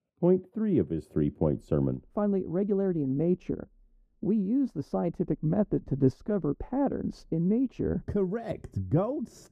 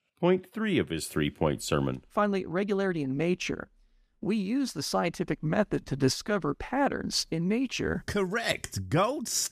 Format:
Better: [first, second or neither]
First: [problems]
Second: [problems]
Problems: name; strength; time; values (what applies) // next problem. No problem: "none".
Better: second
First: muffled; very; fading above 1 kHz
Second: none